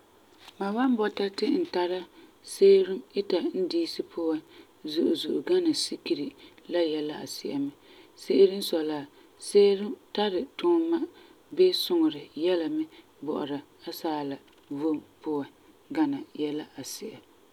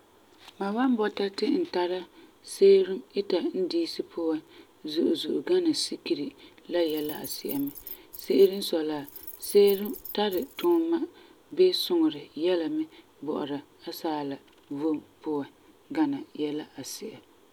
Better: first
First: none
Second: background sound (Keys jangling); 15 dB below the speech

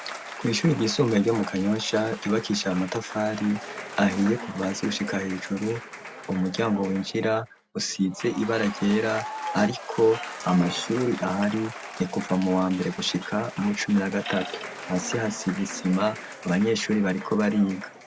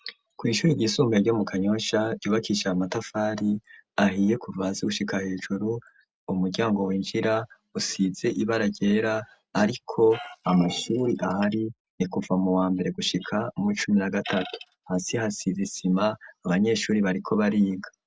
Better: second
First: background sound (Applause / Crowd / Cheering); 13 dB below the speech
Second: none

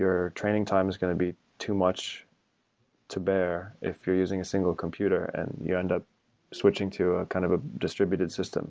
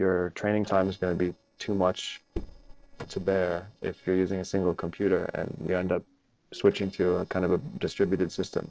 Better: first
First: none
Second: noise reduction (neural separator model SepFormer DNS4)

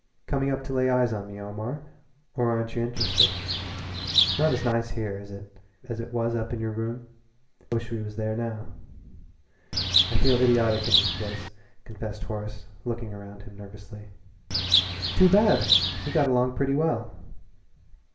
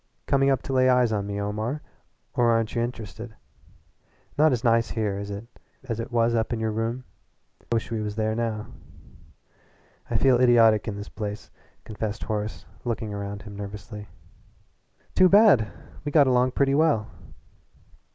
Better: second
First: background sound (Bird); 1 dB above the speech // room echo; dies away in 0.5 s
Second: none

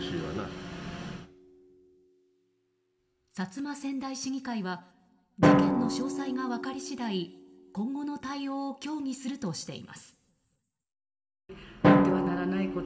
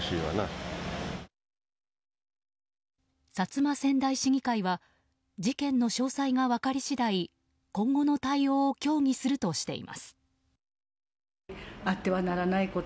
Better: second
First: background sound (Drum); 4 dB above the speech // room echo; dies away in 0.8 s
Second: none

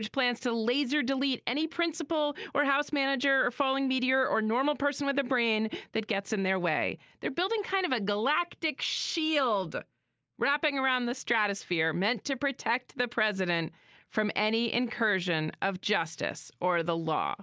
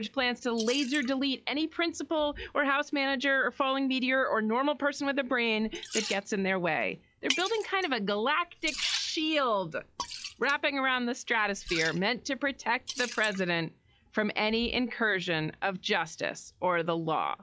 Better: first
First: none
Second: noise reduction (classical method log-MMSE)

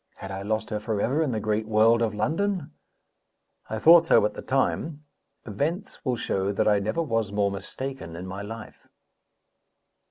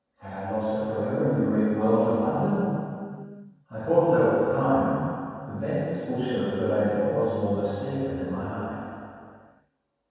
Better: first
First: none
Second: room echo; dies away in 2.1 s

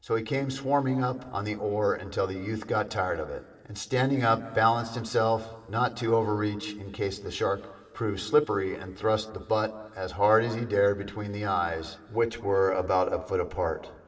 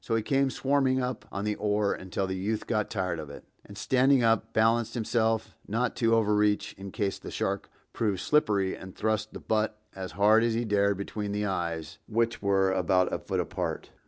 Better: second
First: room echo; dies away in 1.8 s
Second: none

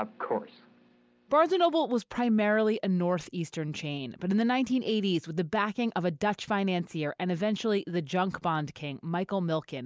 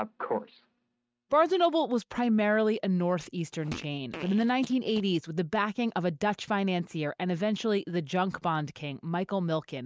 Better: first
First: none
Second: noise reduction (neural mask model RNNoise)

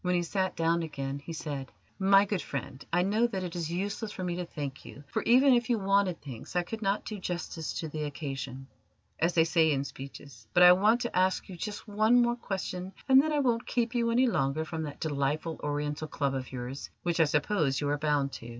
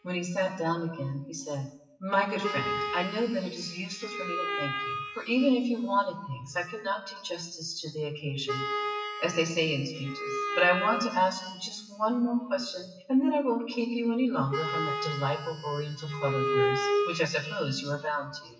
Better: first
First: none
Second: noise reduction (classical method WPE with log-MMSE)

